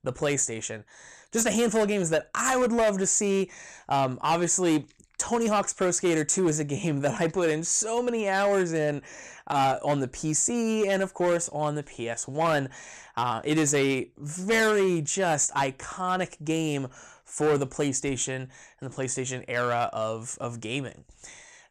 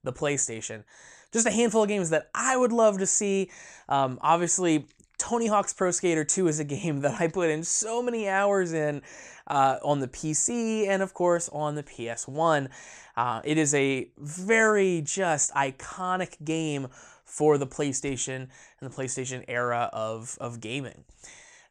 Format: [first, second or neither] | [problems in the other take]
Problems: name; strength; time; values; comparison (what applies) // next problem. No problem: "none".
second | distortion; slight; 7% of the sound clipped